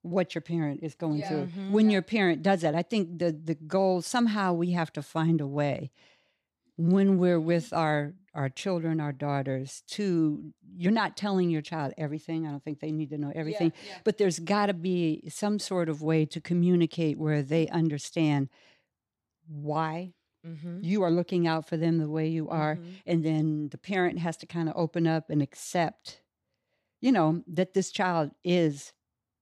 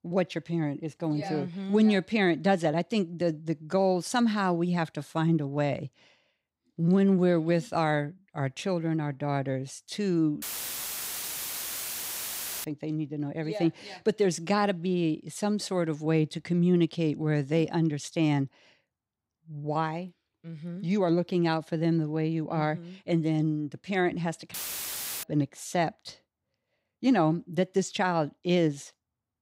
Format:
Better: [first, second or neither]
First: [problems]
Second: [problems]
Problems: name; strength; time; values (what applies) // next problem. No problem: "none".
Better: first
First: none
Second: audio cutting out; filled with static; at 10 s for 2 s and at 25 s for 0.5 s